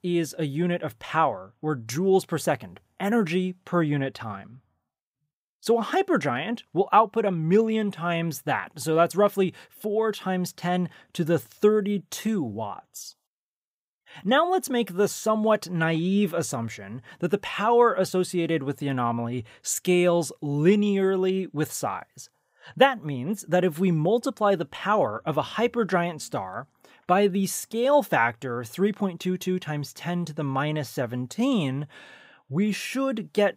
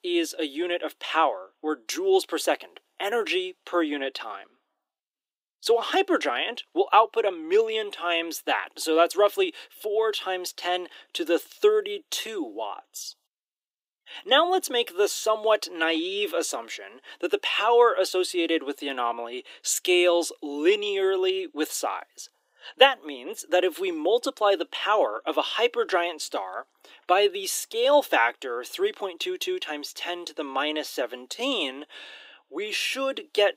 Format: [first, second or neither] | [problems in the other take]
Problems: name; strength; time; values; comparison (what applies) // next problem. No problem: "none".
first | thin; very; fading below 300 Hz